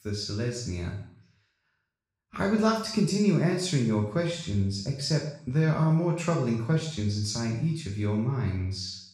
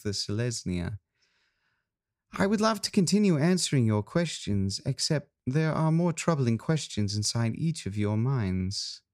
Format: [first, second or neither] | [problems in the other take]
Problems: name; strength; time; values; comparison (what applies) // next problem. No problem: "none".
second | room echo; noticeable; dies away in 0.6 s // off-mic speech; far